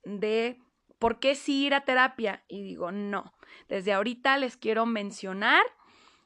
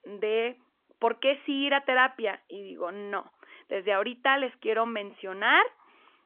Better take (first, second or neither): first